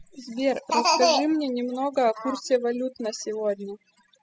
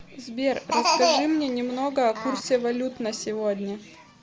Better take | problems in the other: second | noise reduction (classical method spectral subtraction)

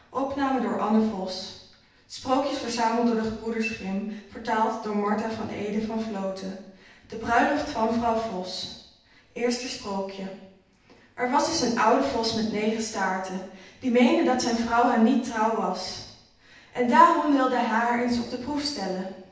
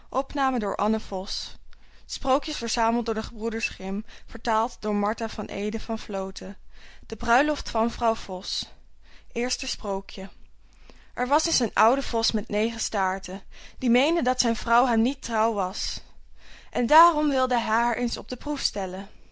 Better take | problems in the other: second | room echo; dies away in 0.9 s

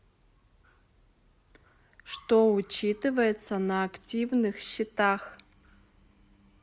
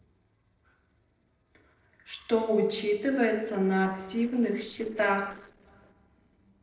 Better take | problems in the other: first | noise reduction (neural separator model SepFormer DNS4)

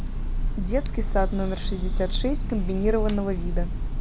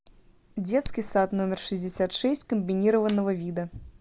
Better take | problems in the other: second | background sound (Bird / Breathing); 3 dB above the speech

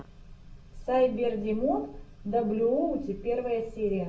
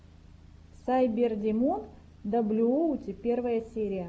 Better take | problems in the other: second | room echo; dies away in 0.3 s

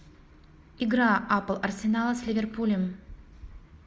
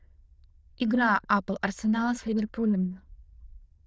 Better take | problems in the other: first | noise reduction (neural diffusion model UNIVERSE++)

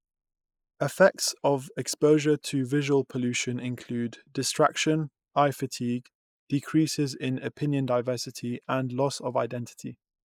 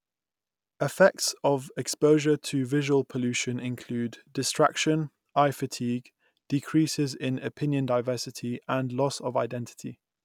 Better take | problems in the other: second | noise reduction (neural mask model Resemble Enhance denoiser)

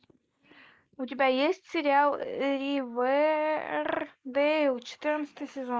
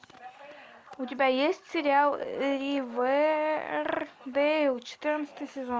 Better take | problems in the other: second | noise reduction (neural mask model Resemble Enhance denoiser)

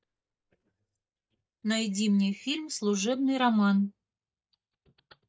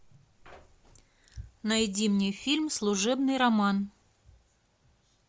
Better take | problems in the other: second | noise reduction (neural mask model DeepFilterNet 3)

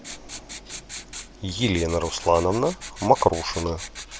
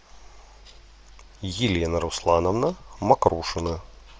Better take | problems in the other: second | background sound (Writing); 14 dB below the speech

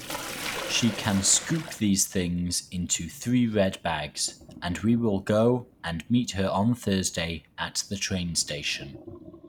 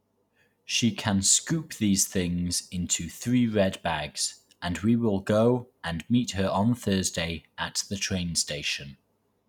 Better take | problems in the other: second | background sound (Sink (filling or washing)); 15 dB below the speech

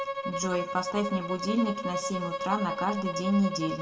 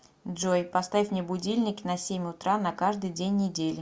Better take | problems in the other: second | background sound (Bowed string instrument); 4 dB below the speech // room echo; dies away in 1.1 s

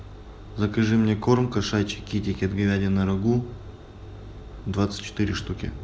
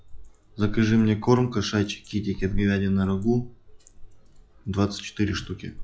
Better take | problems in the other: first | noise reduction (classical method log-MMSE)

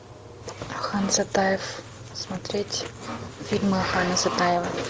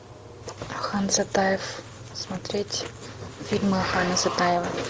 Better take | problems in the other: second | background sound (Sawing); 16 dB below the speech

